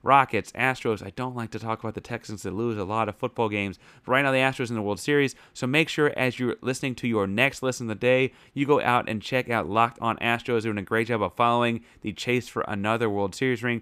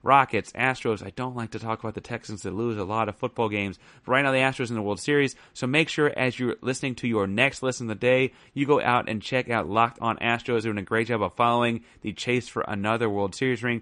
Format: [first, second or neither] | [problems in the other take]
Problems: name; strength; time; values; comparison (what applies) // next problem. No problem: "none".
first | garbled, watery; slightly; nothing above 10 kHz